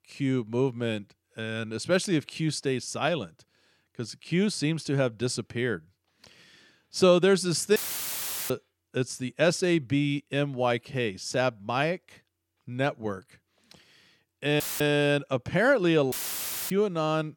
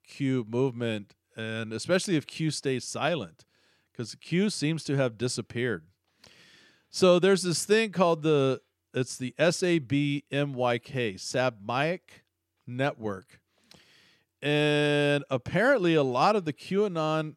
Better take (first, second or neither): second